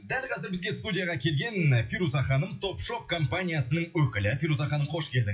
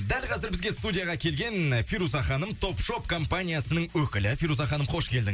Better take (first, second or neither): second